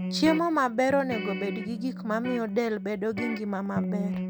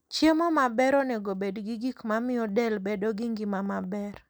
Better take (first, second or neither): second